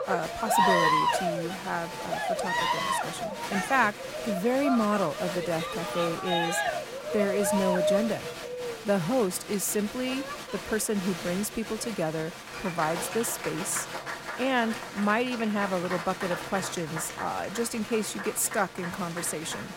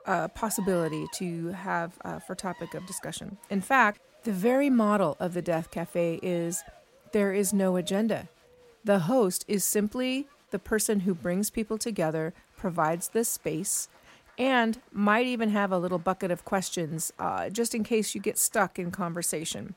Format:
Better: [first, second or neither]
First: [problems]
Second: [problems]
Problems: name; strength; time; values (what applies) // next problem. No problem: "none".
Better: second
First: crowd noise; loud; throughout; 2 dB below the speech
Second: crowd noise; faint; throughout; 25 dB below the speech